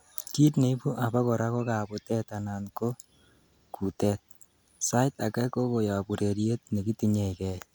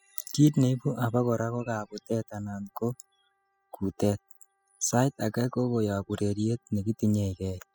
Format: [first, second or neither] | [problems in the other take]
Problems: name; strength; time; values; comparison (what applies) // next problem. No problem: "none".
first | noise reduction (classical method spectral subtraction)